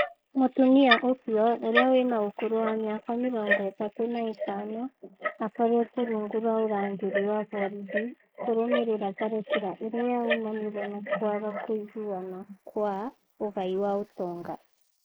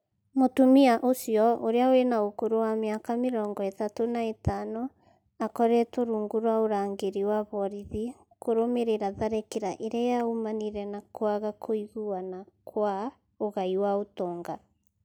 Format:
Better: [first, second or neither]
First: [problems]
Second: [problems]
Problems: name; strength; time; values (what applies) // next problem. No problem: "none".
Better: second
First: noise reduction (neural mask model Resemble Enhance denoiser)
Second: none